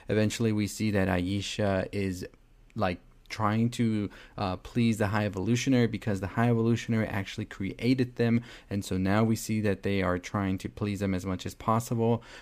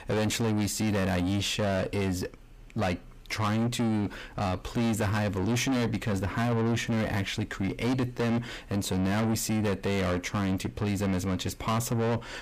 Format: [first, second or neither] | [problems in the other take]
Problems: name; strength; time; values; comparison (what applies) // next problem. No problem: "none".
first | distortion; heavy; 7 dB below the speech